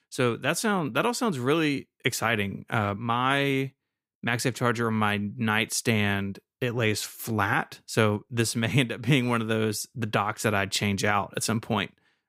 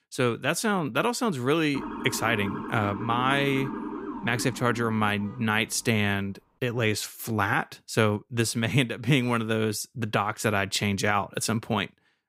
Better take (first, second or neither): first